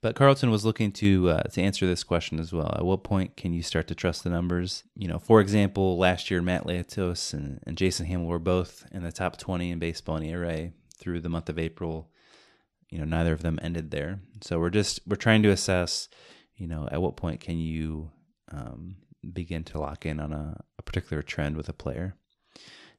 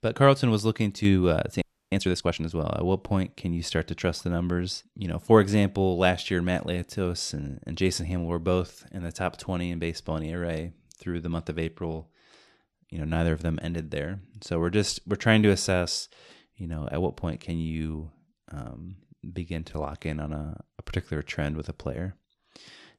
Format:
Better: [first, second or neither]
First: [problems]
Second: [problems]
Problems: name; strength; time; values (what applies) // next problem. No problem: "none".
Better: first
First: none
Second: audio freezing; at 1.5 s